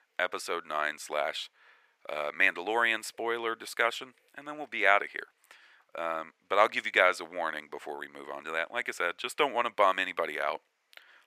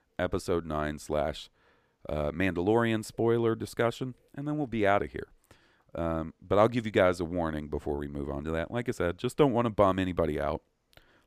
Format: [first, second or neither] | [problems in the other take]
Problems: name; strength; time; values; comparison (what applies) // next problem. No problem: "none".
second | thin; very; fading below 750 Hz